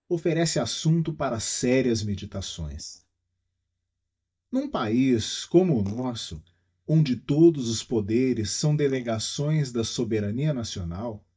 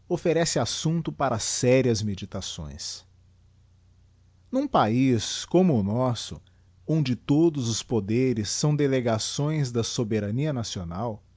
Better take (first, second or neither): second